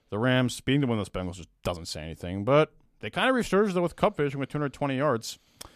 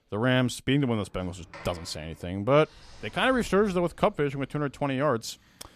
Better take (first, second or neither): first